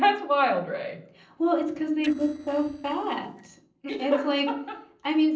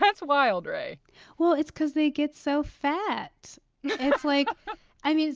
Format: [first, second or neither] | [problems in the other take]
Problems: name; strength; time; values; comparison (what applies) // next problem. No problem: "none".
second | noise reduction (neural separator model SepFormer DNS4)